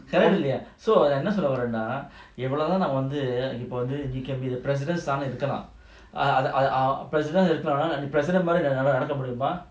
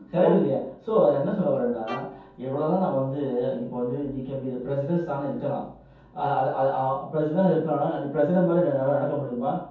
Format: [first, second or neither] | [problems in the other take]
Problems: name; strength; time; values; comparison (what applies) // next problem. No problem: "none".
first | background sound (Bowed string instrument); 20 dB below the speech // room echo; dies away in 0.6 s